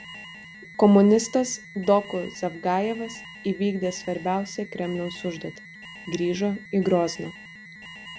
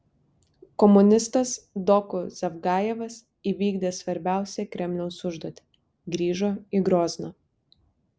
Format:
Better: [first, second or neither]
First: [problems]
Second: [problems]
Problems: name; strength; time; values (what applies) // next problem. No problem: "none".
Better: second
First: background sound (Alarm); 17 dB below the speech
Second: none